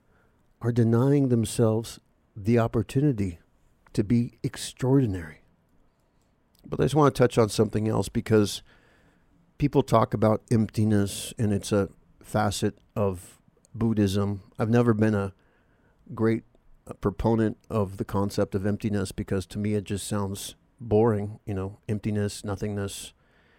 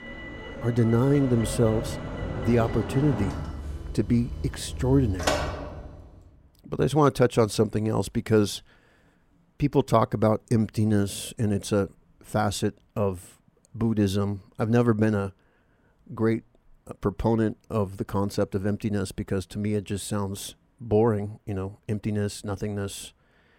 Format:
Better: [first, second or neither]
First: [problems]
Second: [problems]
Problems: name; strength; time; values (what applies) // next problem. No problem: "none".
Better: first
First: none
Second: traffic noise; loud; until 5.5 s; 7 dB below the speech